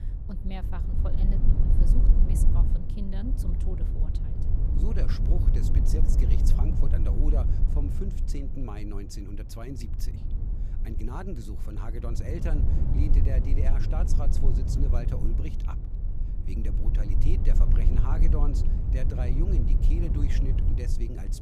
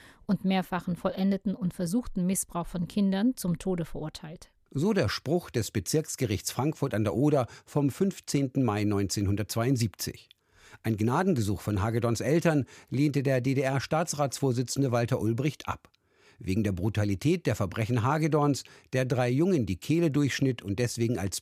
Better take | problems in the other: second | low rumble; loud; throughout; 1 dB below the speech

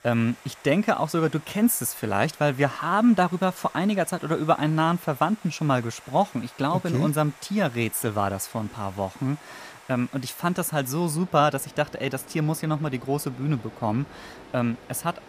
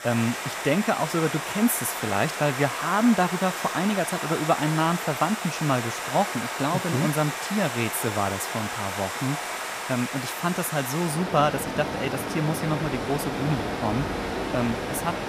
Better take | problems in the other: first | rain or running water; loud; throughout; 4 dB below the speech; faint in the first

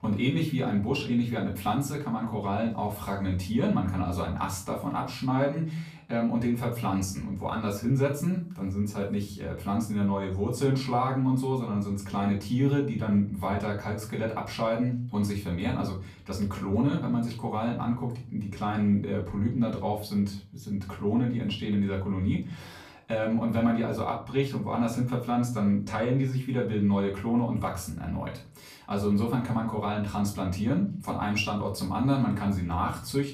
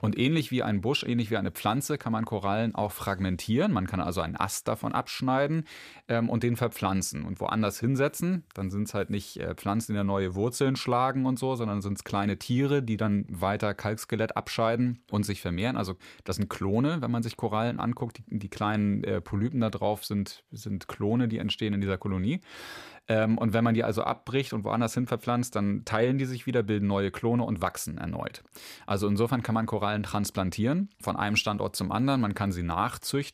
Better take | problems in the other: second | off-mic speech; far // room echo; slight; dies away in 0.5 s

